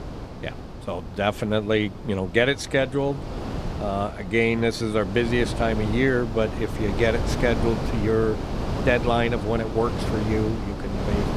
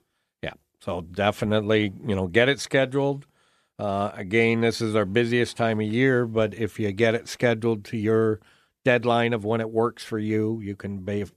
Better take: second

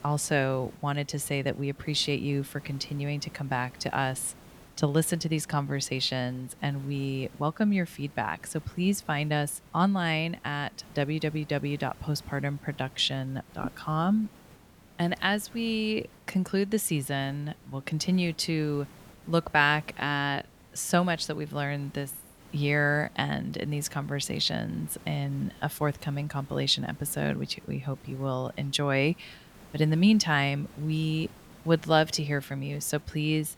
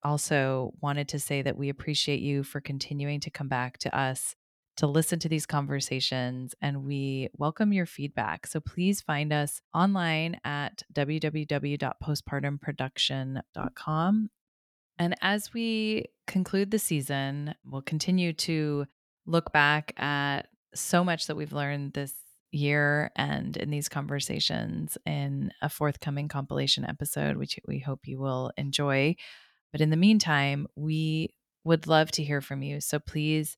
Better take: second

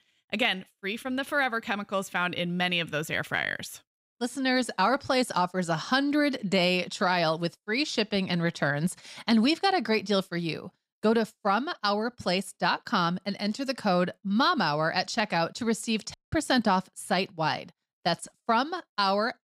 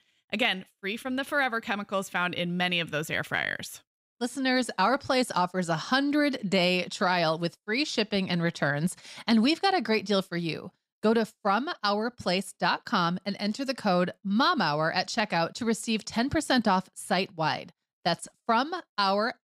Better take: second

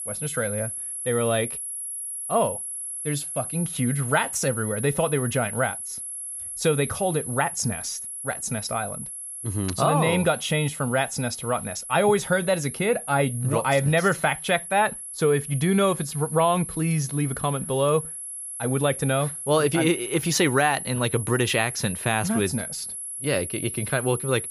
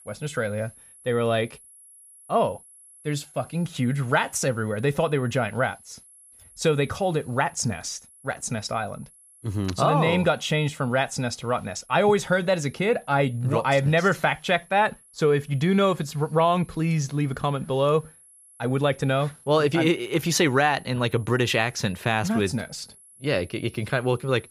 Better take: second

